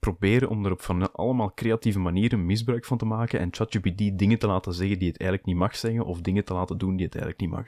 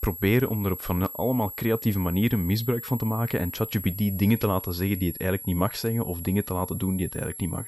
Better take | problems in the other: first | high-pitched whine; loud; throughout; 11.5 kHz, 9 dB below the speech

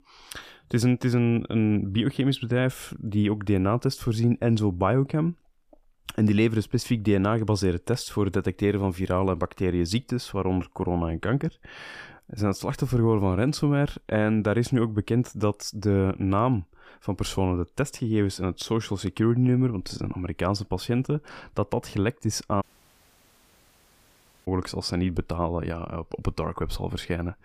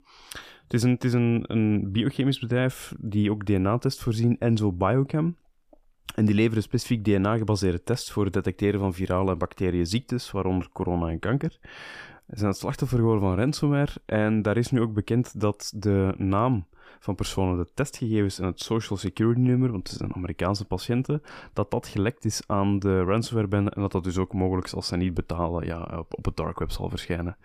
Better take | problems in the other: second | audio cutting out; at 23 s for 2 s

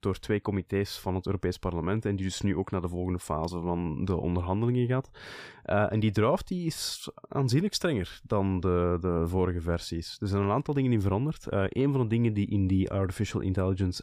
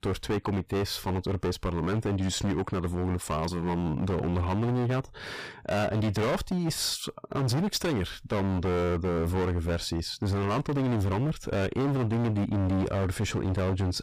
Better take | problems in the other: first | distortion; heavy; 27% of the sound clipped

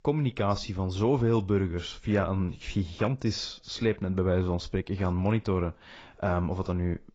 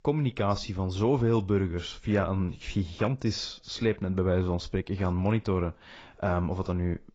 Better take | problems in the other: neither | garbled, watery; badly; nothing above 7.5 kHz; the same in both

